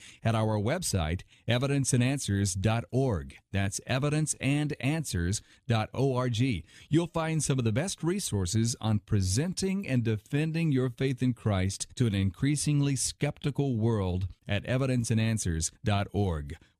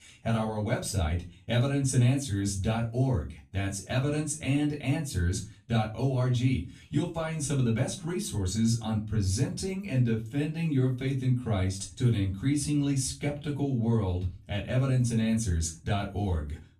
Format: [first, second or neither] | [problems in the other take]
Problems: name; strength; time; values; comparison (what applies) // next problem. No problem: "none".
first | off-mic speech; far // room echo; very slight; dies away in 0.3 s